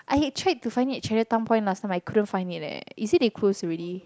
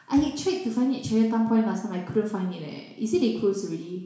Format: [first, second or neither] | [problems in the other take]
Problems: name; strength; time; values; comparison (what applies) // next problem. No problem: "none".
first | room echo; dies away in 0.7 s